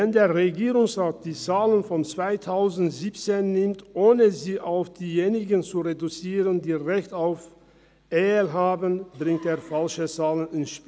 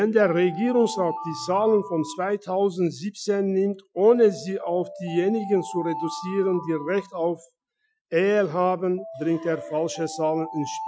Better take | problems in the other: first | noise reduction (classical method Wiener filter)

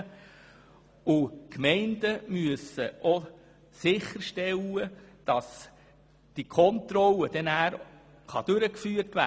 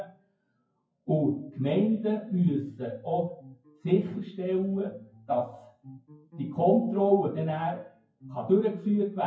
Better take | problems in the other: first | noise reduction (classical method WPE with log-MMSE)

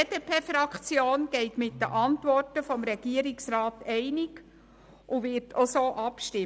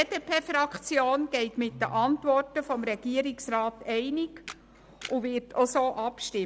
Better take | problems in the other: first | background sound (Camera); 19 dB below the speech

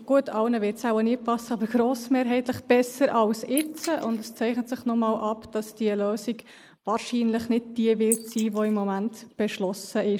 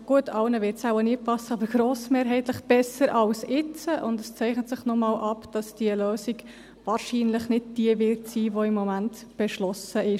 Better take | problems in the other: second | noise reduction (neural mask model Resemble Enhance denoiser)

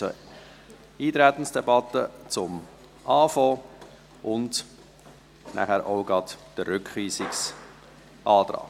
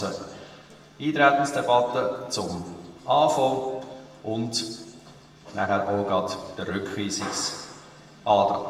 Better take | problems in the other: first | room echo; dies away in 1.2 s

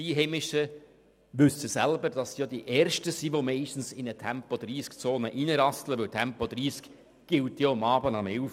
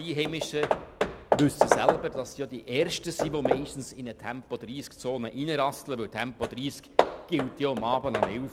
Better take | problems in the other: first | background sound (Hammer / Wood); as loud as the speech

